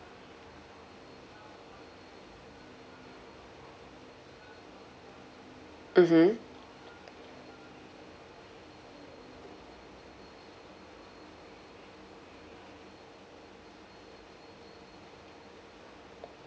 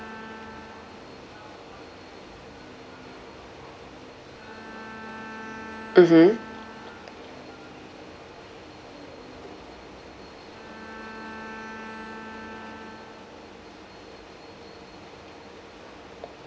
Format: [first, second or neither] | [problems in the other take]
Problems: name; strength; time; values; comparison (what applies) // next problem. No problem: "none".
first | background sound (Bowed string instrument); 16 dB below the speech